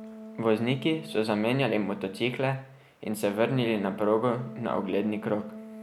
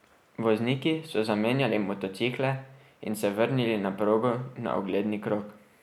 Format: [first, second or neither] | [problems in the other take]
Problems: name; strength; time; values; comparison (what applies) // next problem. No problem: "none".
second | background sound (Wind instrument, woodwind instrument); 15 dB below the speech